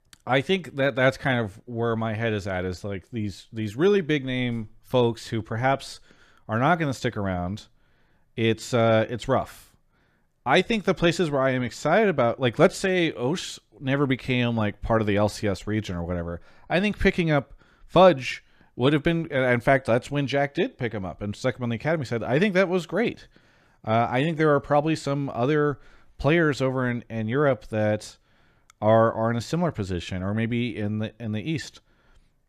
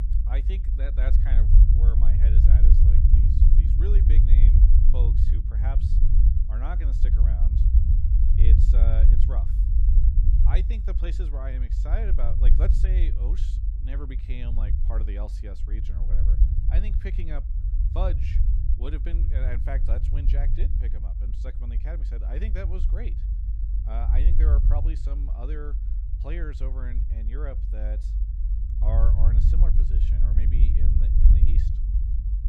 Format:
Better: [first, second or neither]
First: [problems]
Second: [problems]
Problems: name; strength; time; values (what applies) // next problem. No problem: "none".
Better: first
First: none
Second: low rumble; loud; throughout; 1 dB below the speech